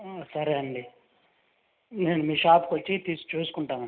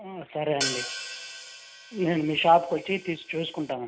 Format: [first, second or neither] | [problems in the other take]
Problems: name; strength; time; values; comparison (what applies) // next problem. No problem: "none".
first | background sound (Hi-hat); 10 dB below the speech